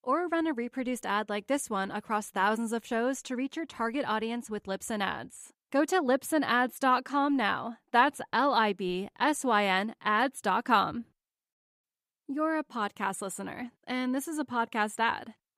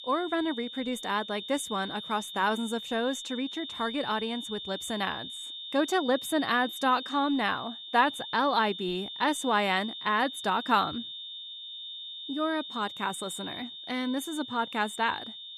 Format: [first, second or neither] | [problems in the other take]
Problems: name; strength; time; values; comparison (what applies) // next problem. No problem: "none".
first | high-pitched whine; loud; throughout; 3.5 kHz, 9 dB below the speech